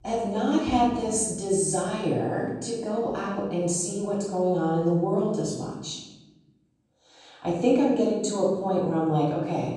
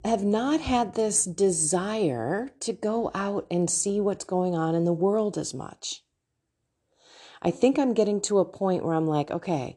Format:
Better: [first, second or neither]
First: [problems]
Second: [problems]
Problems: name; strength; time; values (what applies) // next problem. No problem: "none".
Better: second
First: off-mic speech; far // room echo; noticeable; dies away in 0.9 s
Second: none